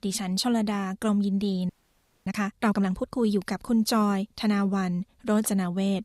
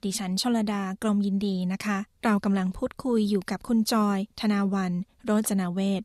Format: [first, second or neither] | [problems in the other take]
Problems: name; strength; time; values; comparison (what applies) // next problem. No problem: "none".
second | audio freezing; at 1.5 s for 0.5 s